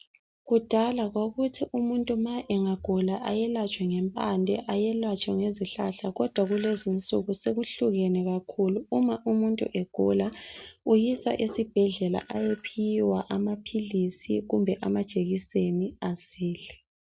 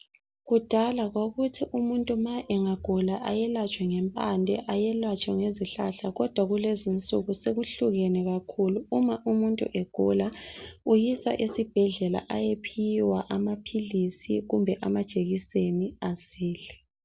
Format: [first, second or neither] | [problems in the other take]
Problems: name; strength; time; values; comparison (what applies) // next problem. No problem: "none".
second | noise reduction (neural mask model RNNoise)